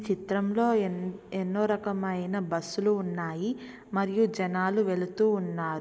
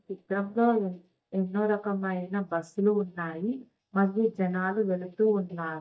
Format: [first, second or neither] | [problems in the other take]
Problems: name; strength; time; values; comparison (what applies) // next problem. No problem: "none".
first | noise reduction (neural mask model DeepFilterNet 3)